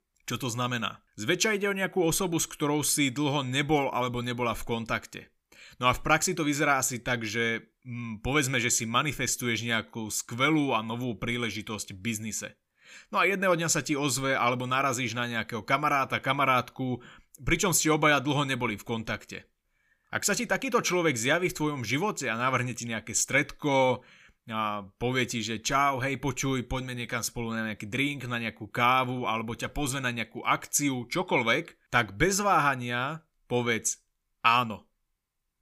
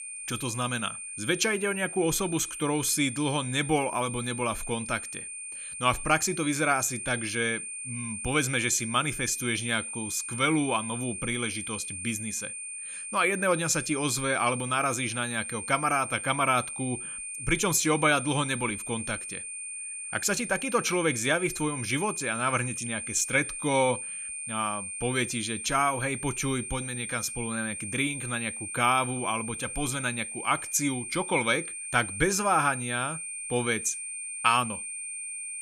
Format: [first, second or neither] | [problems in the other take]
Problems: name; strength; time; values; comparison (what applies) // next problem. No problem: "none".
first | high-pitched whine; loud; throughout; 9 kHz, 7 dB below the speech